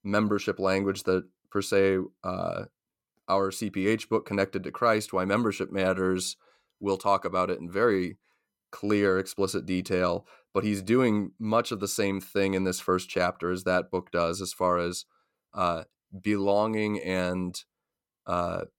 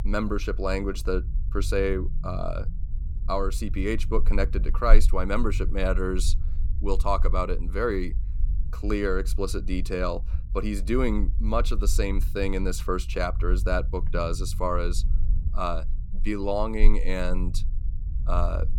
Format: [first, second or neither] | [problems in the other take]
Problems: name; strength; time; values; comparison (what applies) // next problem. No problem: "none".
first | low rumble; faint; throughout; 20 dB below the speech